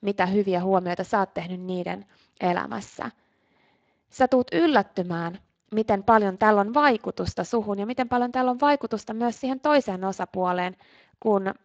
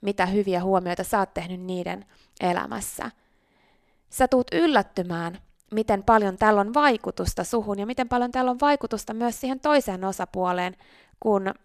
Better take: second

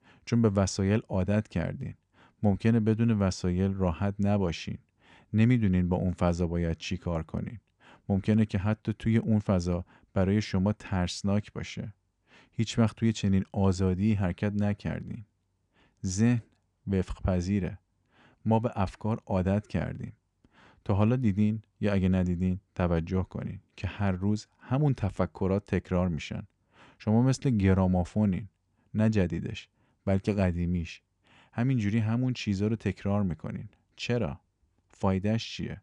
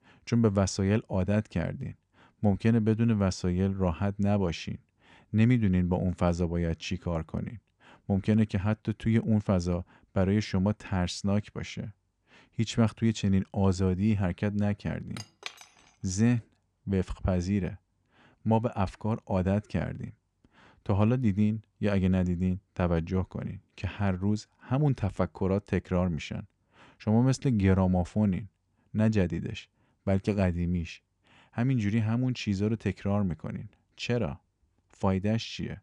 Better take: first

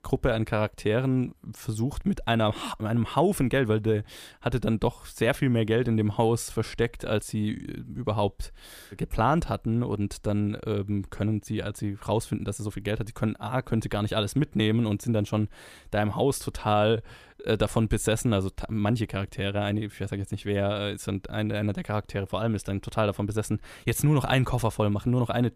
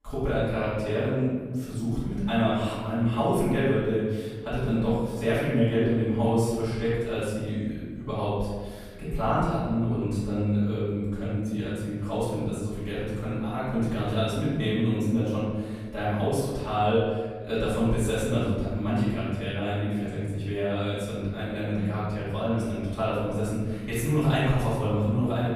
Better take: first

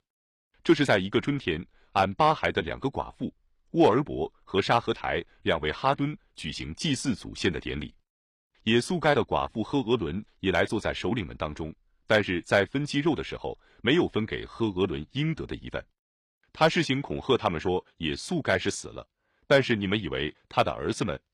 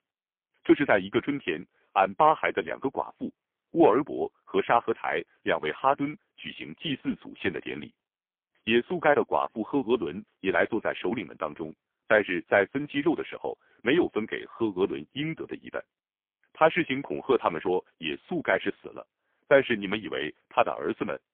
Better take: first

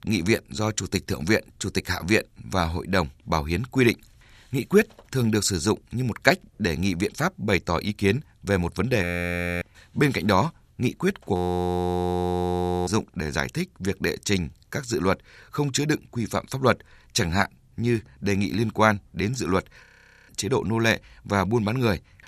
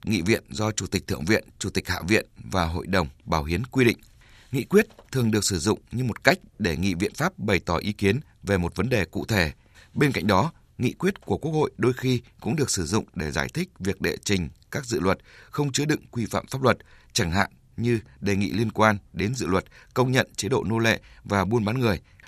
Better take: second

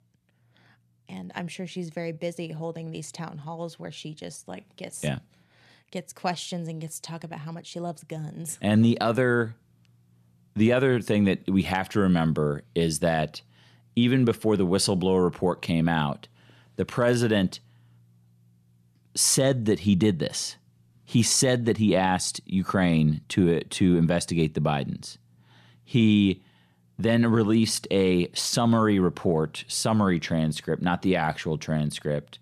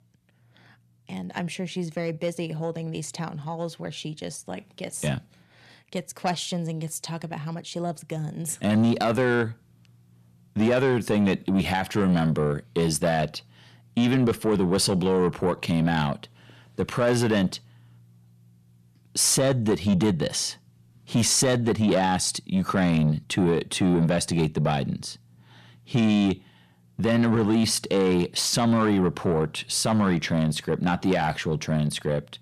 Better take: first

